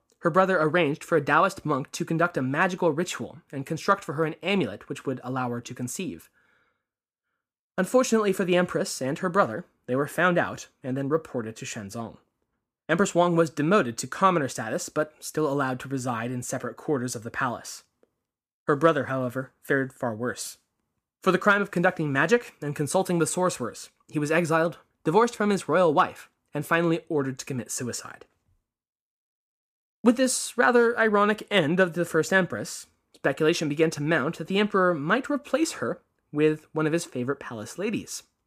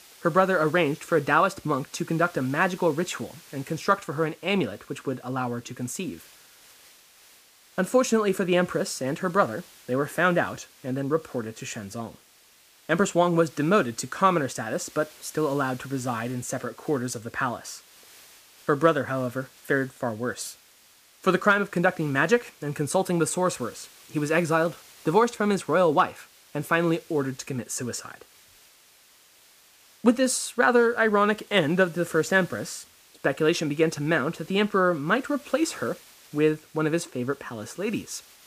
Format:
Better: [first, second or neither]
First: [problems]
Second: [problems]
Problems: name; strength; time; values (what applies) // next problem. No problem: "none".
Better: first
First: none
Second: hiss; faint; throughout; 25 dB below the speech